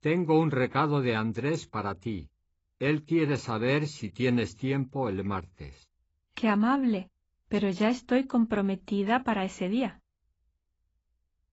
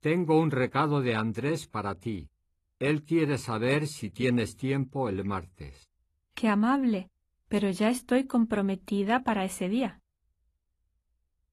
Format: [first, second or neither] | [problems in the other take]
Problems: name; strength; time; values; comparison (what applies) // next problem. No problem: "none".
second | garbled, watery; badly; nothing above 7.5 kHz; slightly in the second